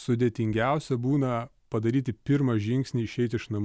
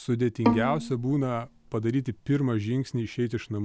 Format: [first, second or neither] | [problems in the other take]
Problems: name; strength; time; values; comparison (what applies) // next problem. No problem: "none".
first | background sound (Bowed string instrument); 4 dB below the speech